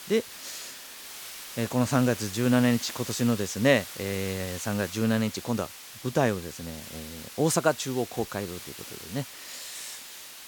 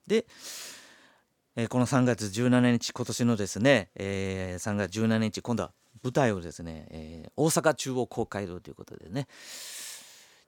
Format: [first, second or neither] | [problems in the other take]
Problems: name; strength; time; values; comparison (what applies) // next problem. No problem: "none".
second | hiss; noticeable; throughout; 10 dB below the speech